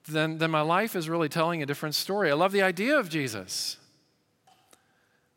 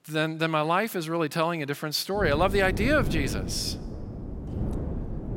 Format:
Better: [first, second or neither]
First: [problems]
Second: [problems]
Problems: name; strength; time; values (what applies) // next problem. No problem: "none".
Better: first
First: none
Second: wind noise on the microphone; occasional gusts; from 2 s on; 15 dB below the speech